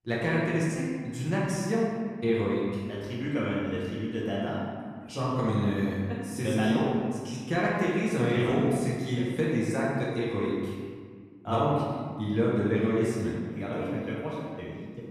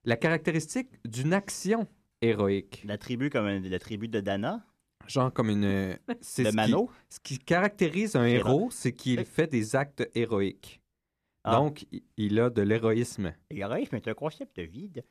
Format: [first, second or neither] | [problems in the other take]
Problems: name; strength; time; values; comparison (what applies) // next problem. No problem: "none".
second | room echo; strong; dies away in 1.6 s // off-mic speech; far